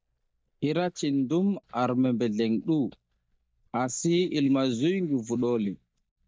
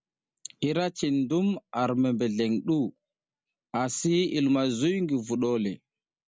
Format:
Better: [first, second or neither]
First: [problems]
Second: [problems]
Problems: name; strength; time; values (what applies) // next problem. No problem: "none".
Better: second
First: noise reduction (neural mask model DeepFilterNet 3)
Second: none